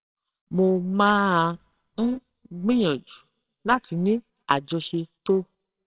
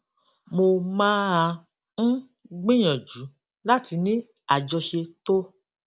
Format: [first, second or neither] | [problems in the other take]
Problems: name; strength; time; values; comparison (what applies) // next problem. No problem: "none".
second | noise reduction (neural separator model SepFormer WHAMR!)